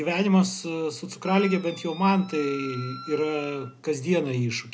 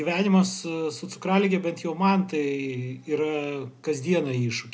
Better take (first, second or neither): second